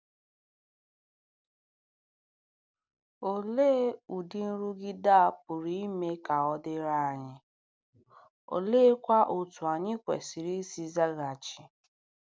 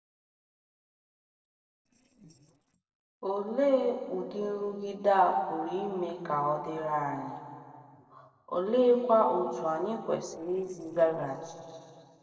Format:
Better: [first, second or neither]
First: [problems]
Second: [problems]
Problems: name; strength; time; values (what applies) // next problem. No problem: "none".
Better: first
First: none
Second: noise reduction (neural separator model SepFormer DNS4)